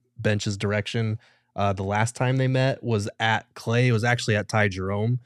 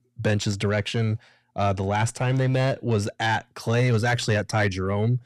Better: first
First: none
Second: distortion; slight; 10 dB below the speech

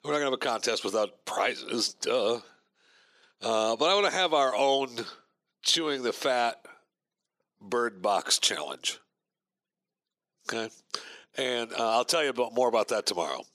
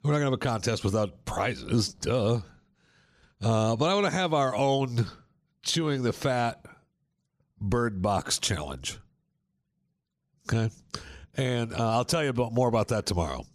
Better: second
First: thin; somewhat; fading below 350 Hz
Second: none

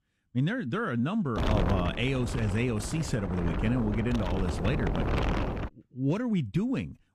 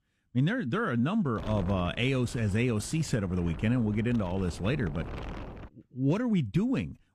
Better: second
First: wind noise on the microphone; heavy; from 1.5 to 5.5 s; 2 dB below the speech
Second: wind noise on the microphone; occasional gusts; from 1.5 to 5.5 s; 15 dB below the speech

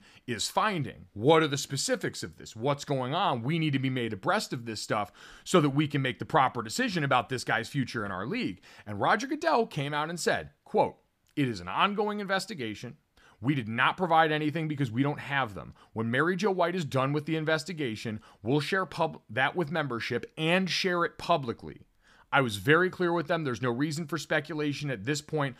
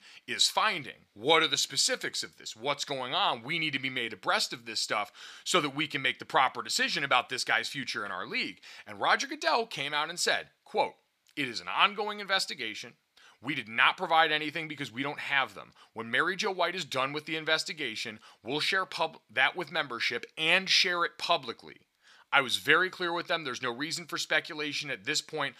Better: first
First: none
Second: thin; somewhat; fading below 800 Hz

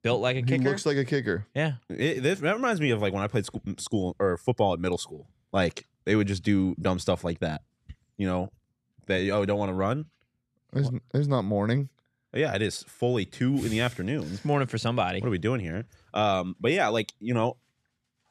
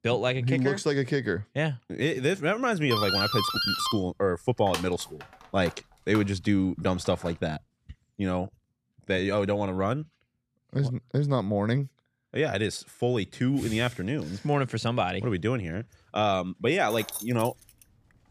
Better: first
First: none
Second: doorbell; loud; from 3 to 7.5 s; peak 2 dB above the speech // jangling keys; noticeable; at 17 s; peak 8 dB below the speech

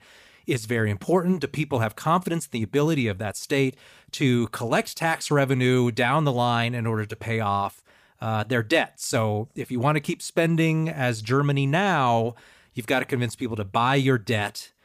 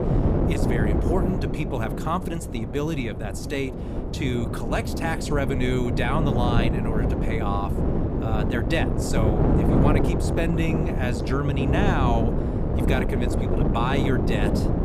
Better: first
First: none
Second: wind noise on the microphone; heavy; 1 dB below the speech

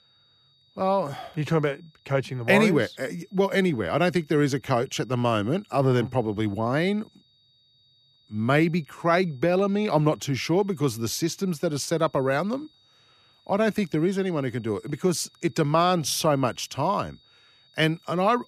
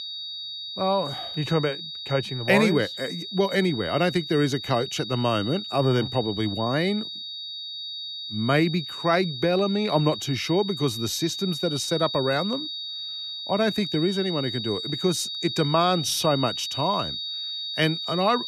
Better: first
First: high-pitched whine; faint; throughout; 4 kHz, 35 dB below the speech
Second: high-pitched whine; loud; throughout; 4 kHz, 6 dB below the speech

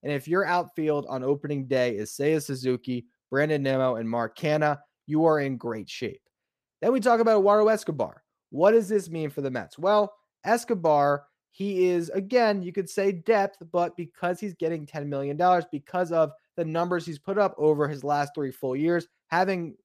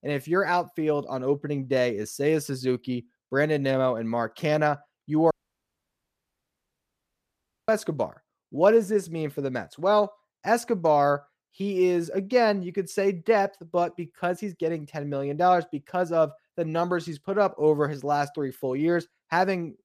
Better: first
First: none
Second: audio cutting out; at 5.5 s for 2.5 s

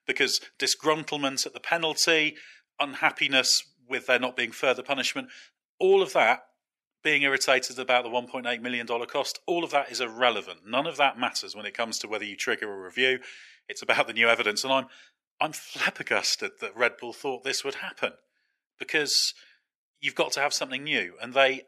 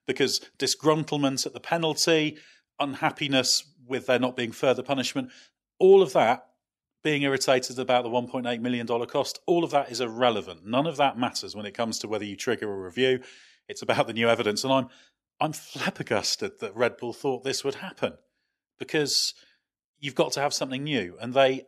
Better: second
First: thin; very slightly; fading below 1 kHz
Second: none

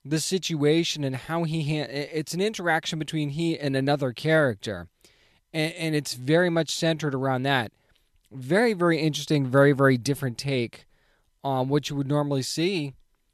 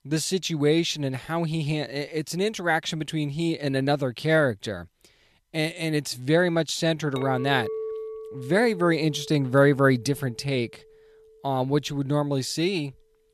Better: first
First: none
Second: clattering dishes; noticeable; from 7 to 11 s; peak 6 dB below the speech

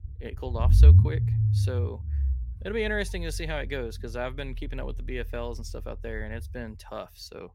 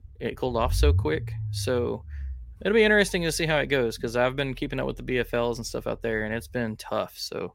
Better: second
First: low rumble; loud; throughout; 3 dB below the speech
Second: low rumble; faint; throughout; 20 dB below the speech

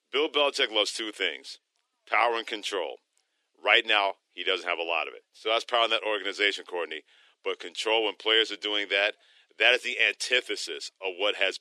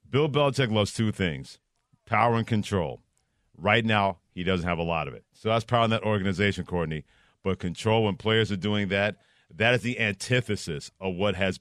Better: second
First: thin; very; fading below 300 Hz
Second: none

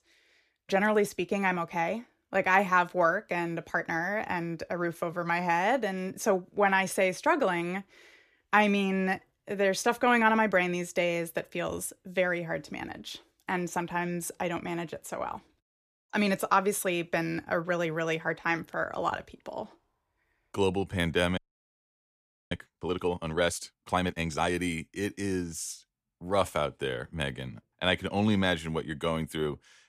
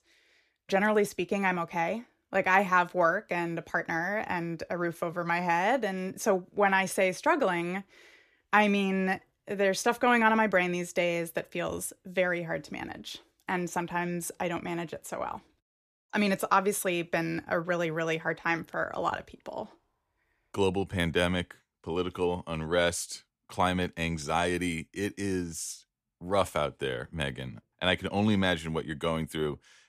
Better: second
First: audio freezing; at 21 s for 1 s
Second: none

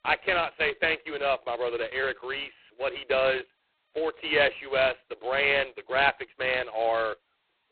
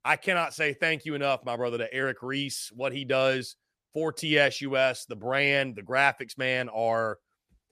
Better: second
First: phone-call audio; poor line; nothing above 4 kHz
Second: none

